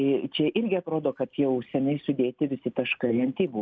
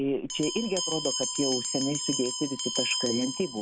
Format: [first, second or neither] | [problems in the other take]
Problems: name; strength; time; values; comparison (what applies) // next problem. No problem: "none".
first | background sound (Bell); 2 dB below the speech